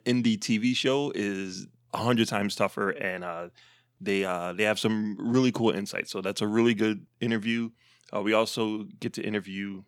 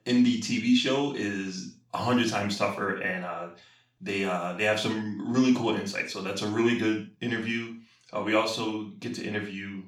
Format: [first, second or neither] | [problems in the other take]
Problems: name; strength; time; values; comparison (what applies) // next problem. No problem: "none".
first | room echo; noticeable; dies away in 0.4 s // off-mic speech; far